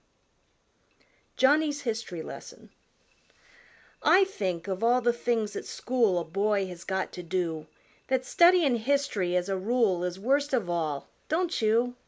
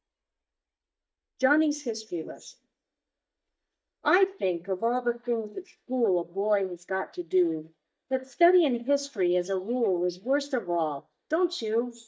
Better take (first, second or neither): first